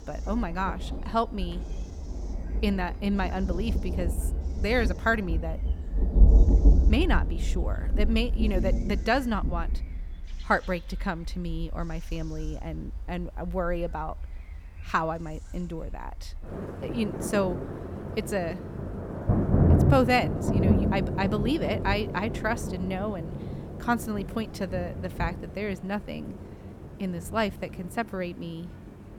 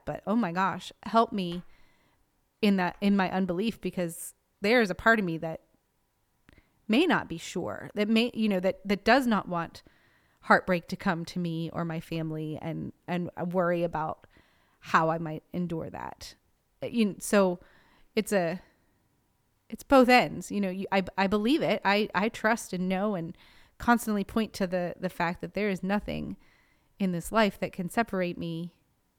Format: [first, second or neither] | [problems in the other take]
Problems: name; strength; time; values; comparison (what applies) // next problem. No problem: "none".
second | rain or running water; very loud; throughout; 1 dB above the speech